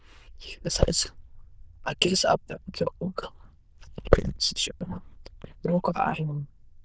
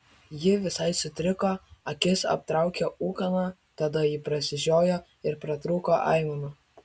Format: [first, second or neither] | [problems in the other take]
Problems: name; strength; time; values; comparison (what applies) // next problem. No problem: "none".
second | noise reduction (neural diffusion model UNIVERSE++)